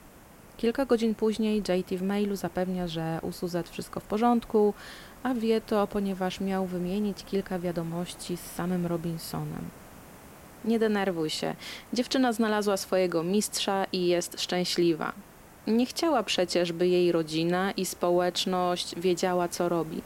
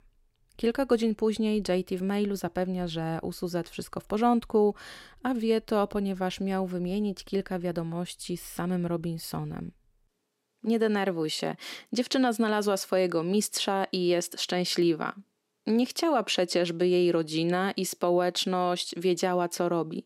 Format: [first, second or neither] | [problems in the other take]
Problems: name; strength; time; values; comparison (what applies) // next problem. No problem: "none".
second | hiss; faint; throughout; 20 dB below the speech